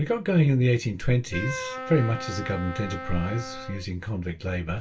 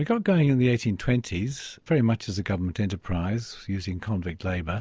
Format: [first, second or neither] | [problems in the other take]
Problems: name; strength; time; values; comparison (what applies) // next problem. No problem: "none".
second | background sound (Wind instrument, woodwind instrument); 11 dB below the speech // room echo; dies away in 0.2 s